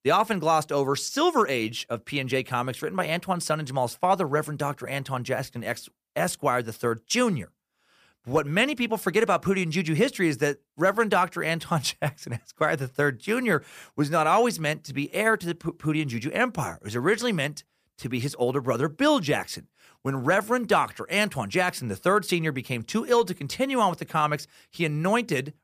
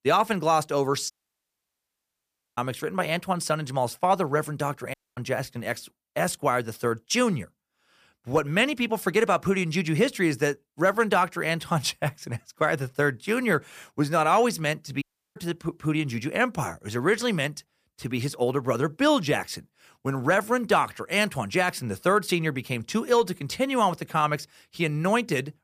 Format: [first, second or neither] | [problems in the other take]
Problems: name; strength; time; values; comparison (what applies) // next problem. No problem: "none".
first | audio cutting out; at 1 s for 1.5 s, at 5 s and at 15 s